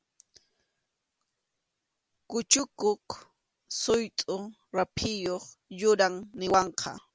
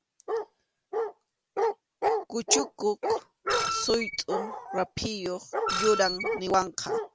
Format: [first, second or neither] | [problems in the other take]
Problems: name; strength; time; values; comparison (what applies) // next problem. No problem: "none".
first | background sound (Bark + Screech); as loud as the speech